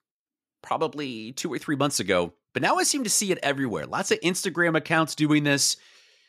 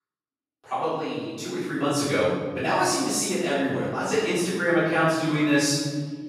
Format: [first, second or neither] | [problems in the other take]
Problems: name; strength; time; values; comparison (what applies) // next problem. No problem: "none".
first | room echo; strong; dies away in 1.8 s // off-mic speech; far